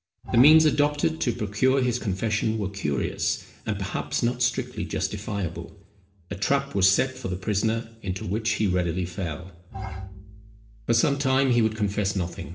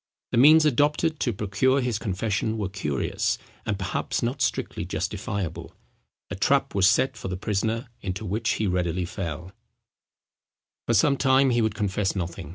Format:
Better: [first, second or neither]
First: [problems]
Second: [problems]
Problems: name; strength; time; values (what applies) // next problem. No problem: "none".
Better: second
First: background sound (Bowed string instrument); 11 dB below the speech // room echo; dies away in 0.6 s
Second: none